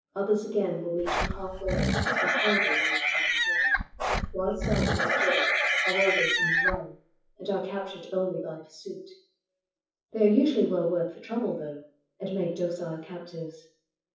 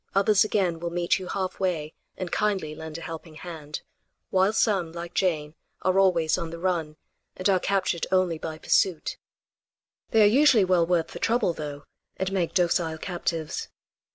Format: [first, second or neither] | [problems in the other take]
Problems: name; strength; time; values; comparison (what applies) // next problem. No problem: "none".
second | noise reduction (classical method WPE with log-MMSE)